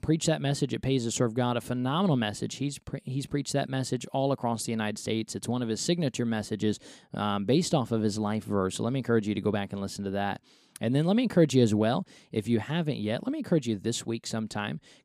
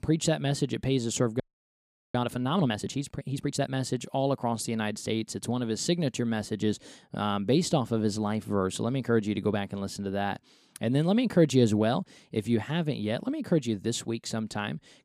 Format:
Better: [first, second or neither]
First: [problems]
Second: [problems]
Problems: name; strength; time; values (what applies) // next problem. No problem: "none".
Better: first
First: none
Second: audio freezing; at 1.5 s for 0.5 s